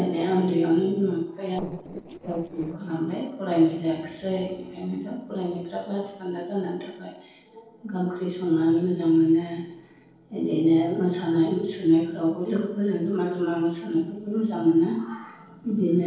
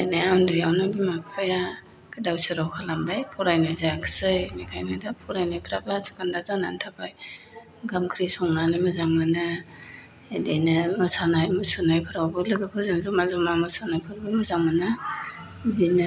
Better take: second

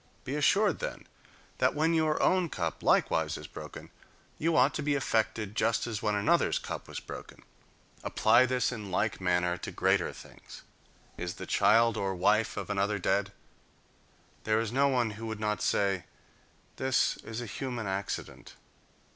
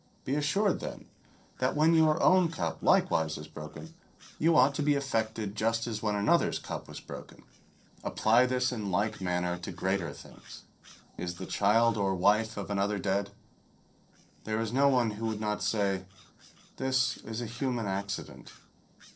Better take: first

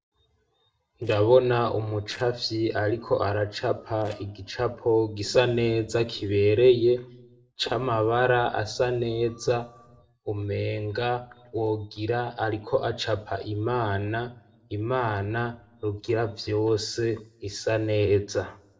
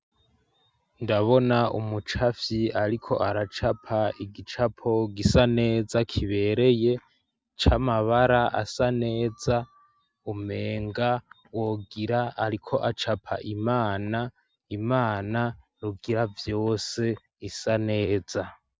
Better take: second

